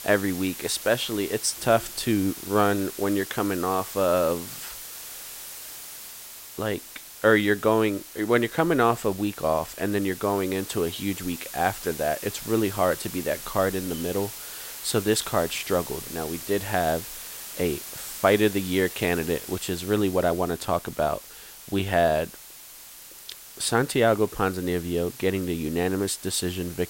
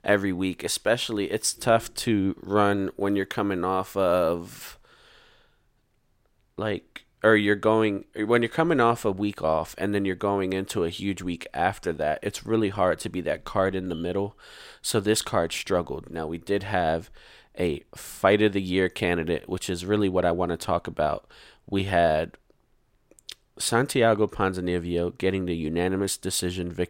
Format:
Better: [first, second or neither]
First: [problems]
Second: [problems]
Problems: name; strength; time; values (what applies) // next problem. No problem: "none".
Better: second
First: hiss; noticeable; throughout; 10 dB below the speech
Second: none